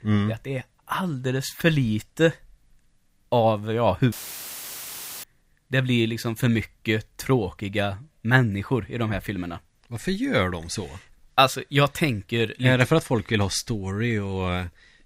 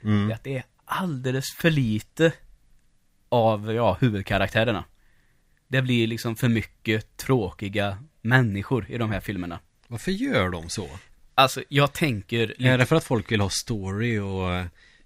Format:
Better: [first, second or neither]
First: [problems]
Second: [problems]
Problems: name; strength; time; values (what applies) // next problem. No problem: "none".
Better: second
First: audio cutting out; filled with static; at 4 s for 1 s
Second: none